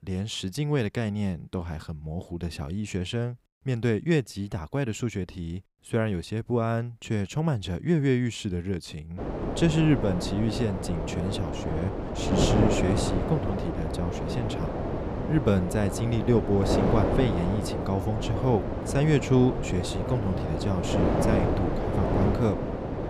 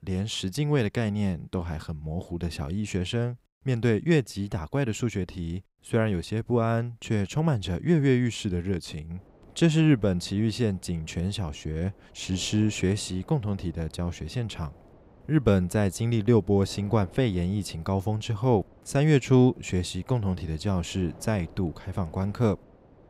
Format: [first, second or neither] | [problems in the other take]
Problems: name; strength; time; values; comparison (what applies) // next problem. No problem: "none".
second | wind noise on the microphone; heavy; from 9 s on; as loud as the speech; occasional gusts in the second